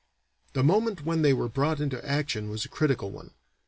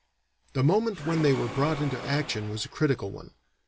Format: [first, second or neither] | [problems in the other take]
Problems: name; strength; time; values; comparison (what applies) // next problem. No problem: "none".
first | background sound (Mechanisms); 13 dB below the speech